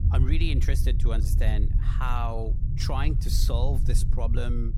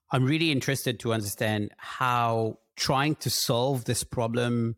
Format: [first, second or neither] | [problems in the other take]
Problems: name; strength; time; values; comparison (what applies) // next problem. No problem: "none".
second | low rumble; loud; throughout; 9 dB below the speech